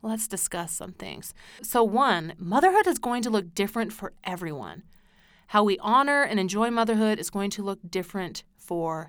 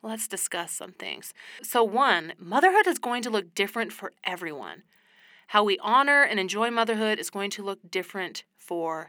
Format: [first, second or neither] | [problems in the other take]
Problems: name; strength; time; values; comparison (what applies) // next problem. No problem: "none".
first | thin; very slightly; fading below 300 Hz